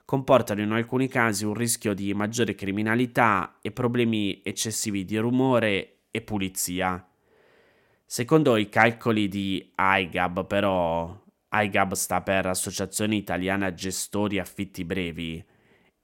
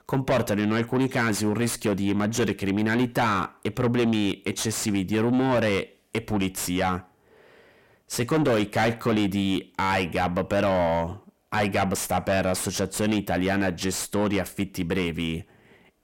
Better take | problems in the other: first | distortion; heavy; 6 dB below the speech

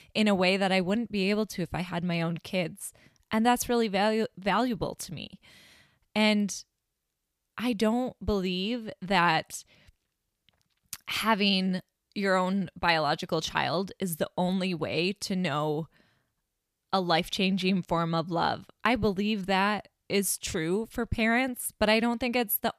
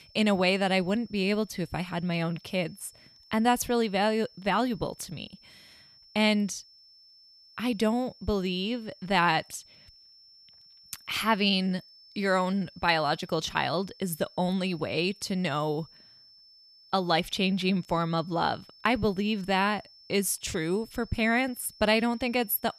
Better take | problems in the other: first | high-pitched whine; faint; throughout; 5.5 kHz, 25 dB below the speech

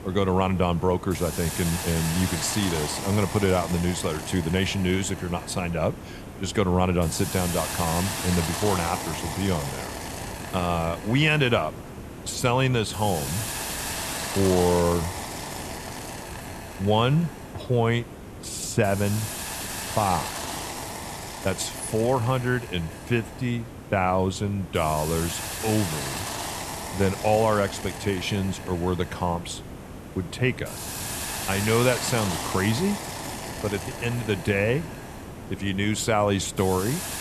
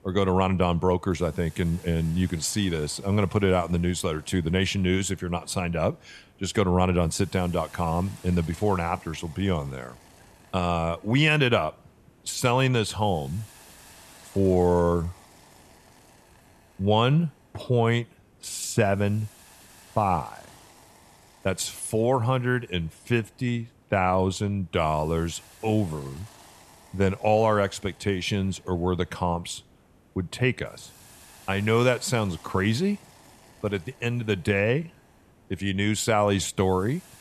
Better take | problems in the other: second | hiss; loud; throughout; 7 dB below the speech; faint in the second

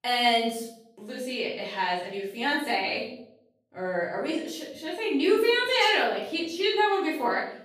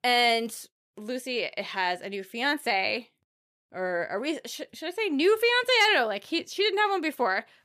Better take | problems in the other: second | off-mic speech; far // room echo; noticeable; dies away in 0.6 s

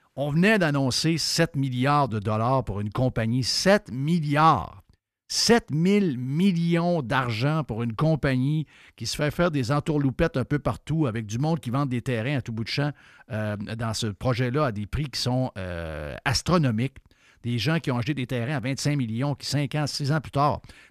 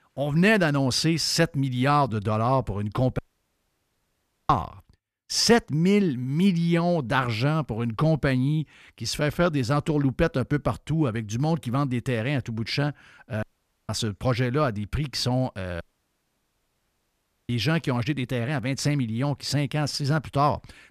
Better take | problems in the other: first | audio cutting out; at 3 s for 1.5 s, at 13 s and at 16 s for 1.5 s

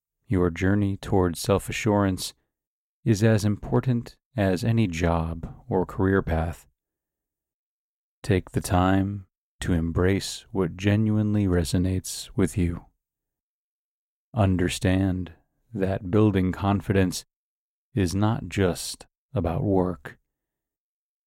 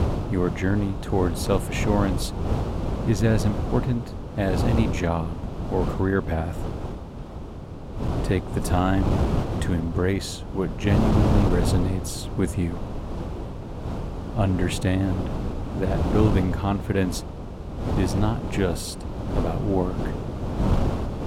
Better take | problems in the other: first | wind noise on the microphone; heavy; 4 dB below the speech

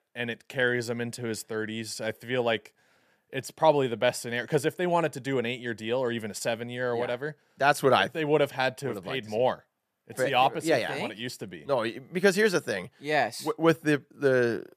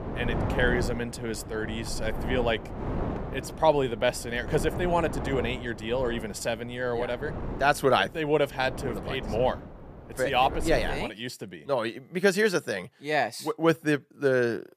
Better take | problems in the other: first | wind noise on the microphone; occasional gusts; until 11 s; 10 dB below the speech

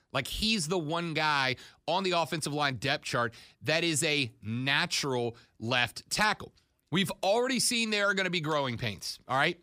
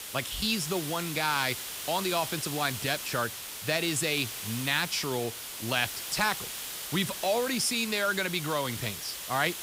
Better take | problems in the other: first | hiss; loud; throughout; 6 dB below the speech

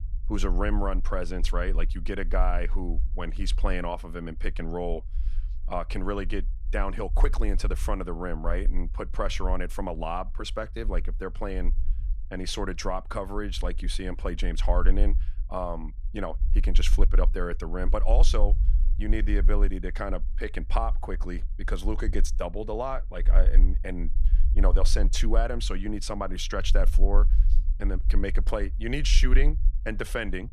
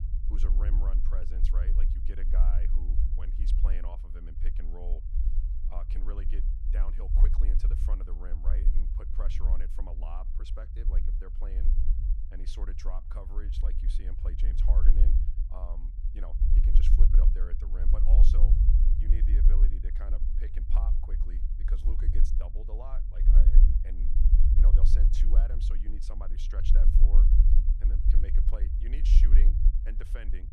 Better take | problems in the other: first | low rumble; loud; throughout; 1 dB below the speech; faint in the first

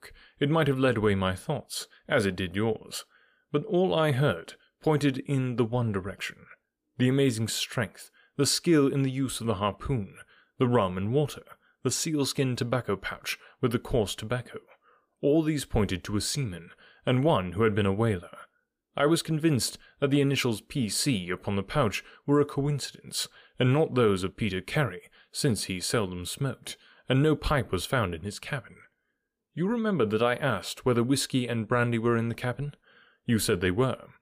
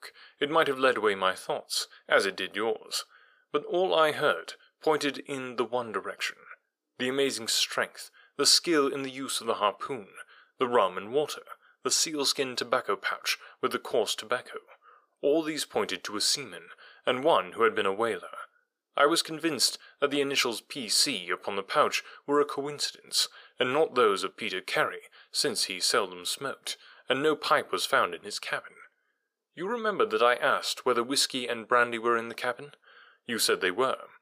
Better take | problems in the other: first | thin; very; fading below 500 Hz

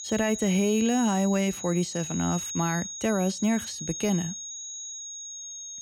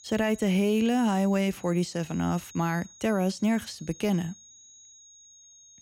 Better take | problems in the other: second | high-pitched whine; loud; throughout; 6.5 kHz, 8 dB below the speech; faint in the second

